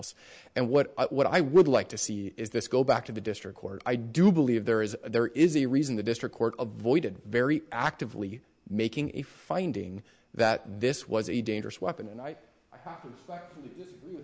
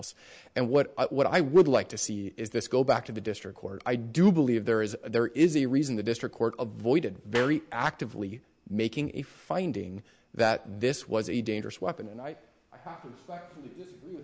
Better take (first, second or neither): first